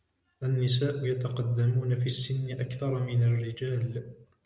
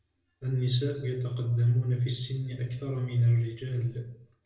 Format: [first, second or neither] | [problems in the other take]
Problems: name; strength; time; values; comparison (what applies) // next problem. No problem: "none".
first | room echo; dies away in 0.3 s